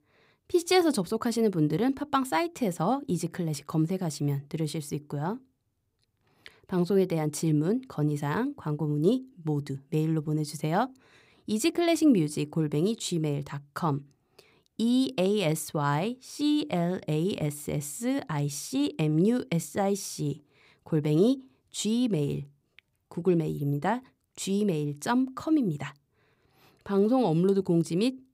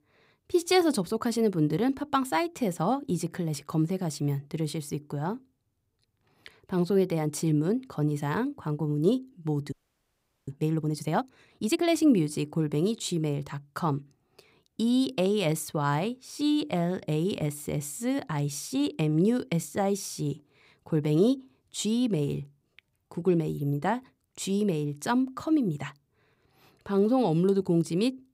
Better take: first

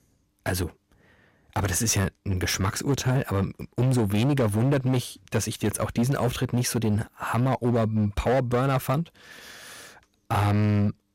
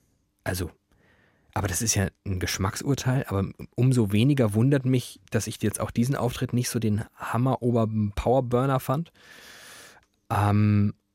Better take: second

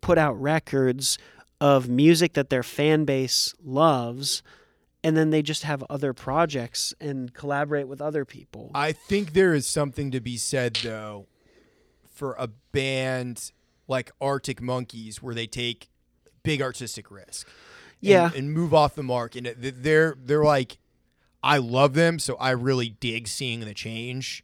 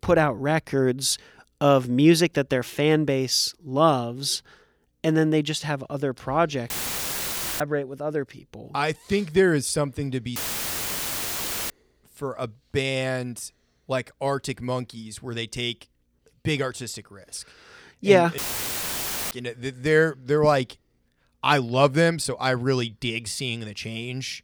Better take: first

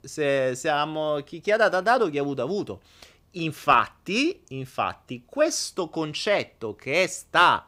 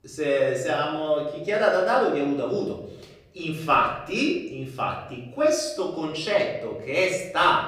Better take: first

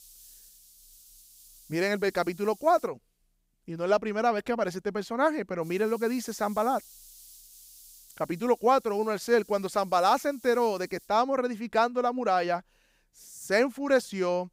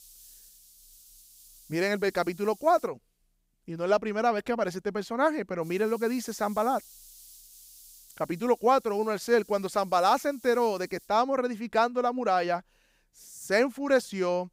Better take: neither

